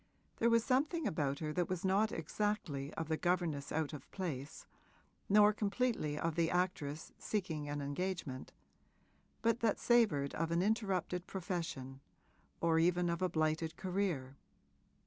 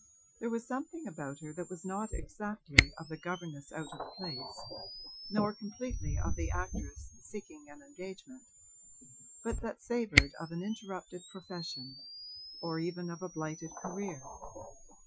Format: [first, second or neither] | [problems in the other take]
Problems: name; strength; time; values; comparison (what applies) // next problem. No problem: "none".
first | noise reduction (classical method Wiener filter)